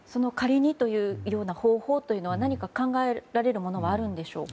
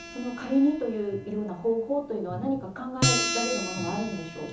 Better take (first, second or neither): first